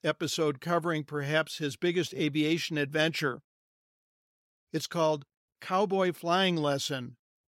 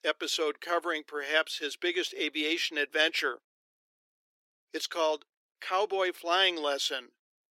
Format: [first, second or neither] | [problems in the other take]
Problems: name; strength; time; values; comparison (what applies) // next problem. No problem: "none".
first | thin; very; fading below 350 Hz